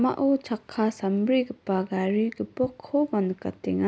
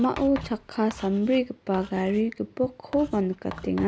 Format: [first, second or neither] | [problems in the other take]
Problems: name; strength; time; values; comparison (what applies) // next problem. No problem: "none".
first | background sound (Writing); 17 dB below the speech